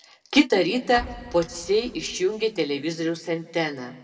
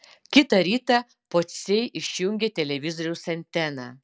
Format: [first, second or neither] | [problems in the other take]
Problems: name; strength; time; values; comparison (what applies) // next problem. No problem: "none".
second | background sound (Explosion); 17 dB below the speech // room echo; dies away in 1.3 s